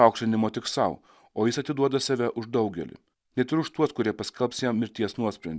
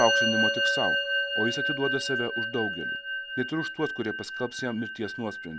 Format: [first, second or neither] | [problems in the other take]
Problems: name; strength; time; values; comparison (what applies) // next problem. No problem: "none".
first | background sound (Musical instrument); 2 dB above the speech